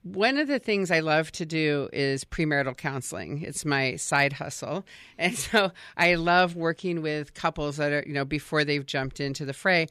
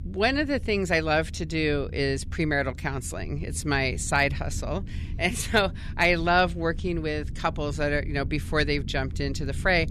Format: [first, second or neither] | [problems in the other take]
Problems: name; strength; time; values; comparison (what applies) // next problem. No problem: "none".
first | low rumble; faint; throughout; 25 dB below the speech